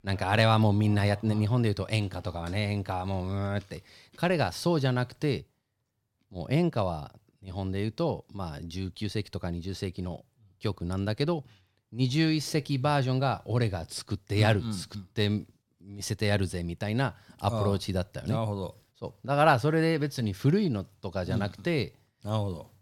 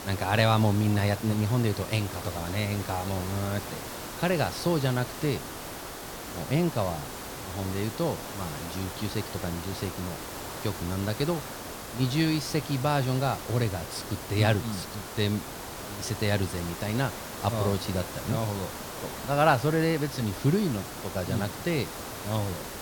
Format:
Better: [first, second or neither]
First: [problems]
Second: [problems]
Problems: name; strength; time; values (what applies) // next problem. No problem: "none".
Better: first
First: none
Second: hiss; loud; throughout; 8 dB below the speech